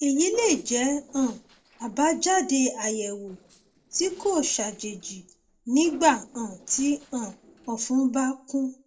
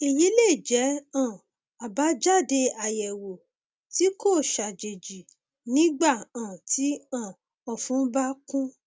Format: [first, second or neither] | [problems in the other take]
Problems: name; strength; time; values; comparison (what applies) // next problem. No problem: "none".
second | noise reduction (neural separator model SepFormer DNS4)